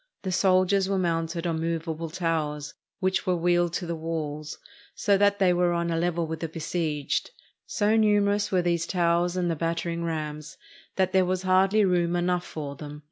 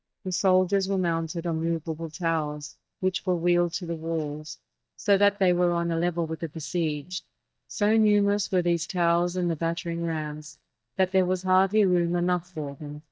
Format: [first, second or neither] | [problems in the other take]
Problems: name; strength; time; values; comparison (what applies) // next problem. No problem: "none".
first | noise reduction (neural mask model DeepFilterNet 3)